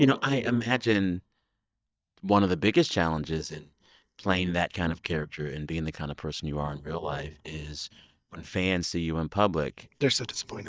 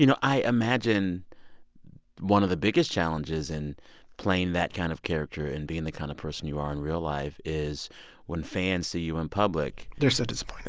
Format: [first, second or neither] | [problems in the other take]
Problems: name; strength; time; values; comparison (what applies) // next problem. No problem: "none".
second | noise reduction (neural mask model DeepFilterNet 3)